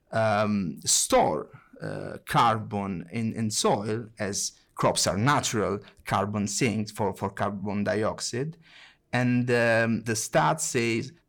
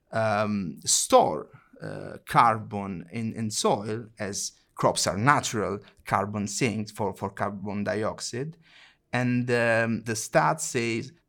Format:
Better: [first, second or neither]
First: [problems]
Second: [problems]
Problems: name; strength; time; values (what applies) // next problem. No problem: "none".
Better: second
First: distortion; slight; 10 dB below the speech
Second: none